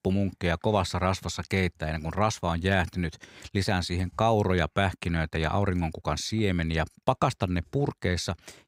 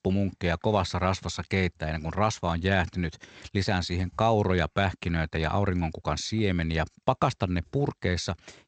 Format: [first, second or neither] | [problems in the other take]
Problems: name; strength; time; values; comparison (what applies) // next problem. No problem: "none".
first | garbled, watery; slightly; nothing above 7.5 kHz